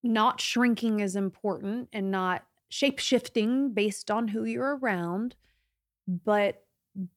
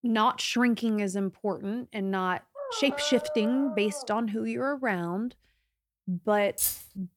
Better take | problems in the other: first | dog barking; noticeable; from 2.5 to 4 s; peak 6 dB below the speech // jangling keys; loud; at 6.5 s; peak 1 dB above the speech

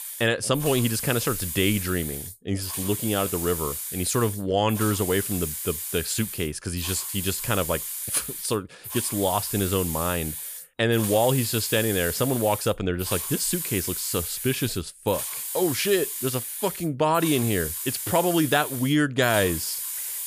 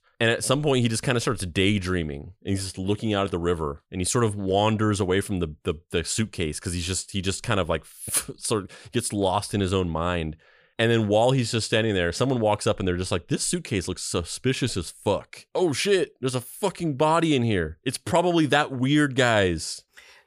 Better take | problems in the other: second | hiss; loud; throughout; 5 dB below the speech

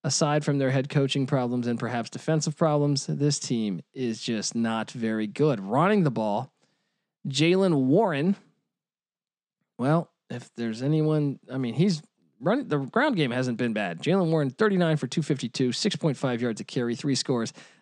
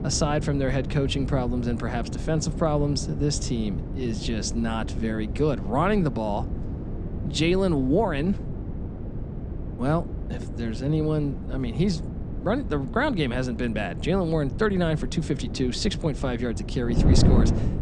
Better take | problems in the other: first | wind noise on the microphone; occasional gusts; 10 dB below the speech

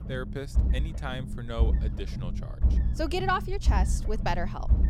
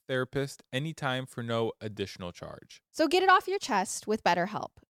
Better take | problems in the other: second | low rumble; noticeable; throughout; 15 dB below the speech

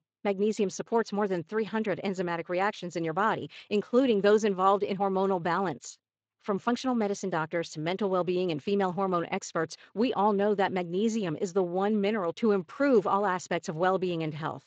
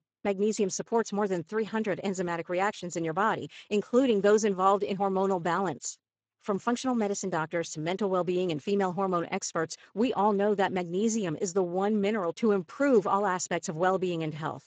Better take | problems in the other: first | garbled, watery; badly; nothing above 7.5 kHz; slightly in the first

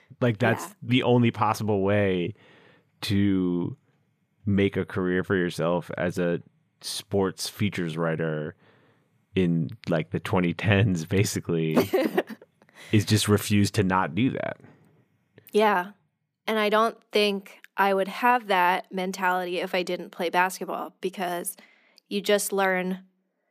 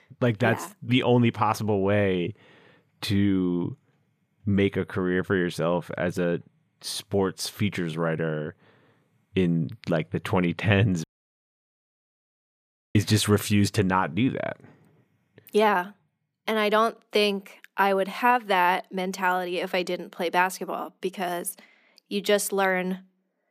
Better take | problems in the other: first | audio cutting out; at 11 s for 2 s

